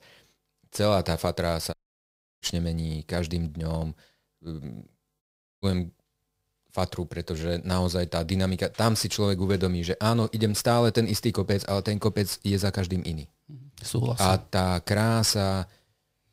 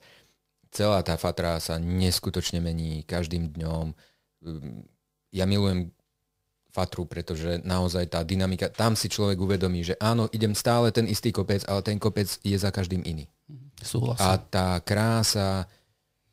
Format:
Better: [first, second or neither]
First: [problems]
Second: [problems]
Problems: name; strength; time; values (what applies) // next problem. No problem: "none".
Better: second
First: audio cutting out; at 1.5 s for 0.5 s and at 5 s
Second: none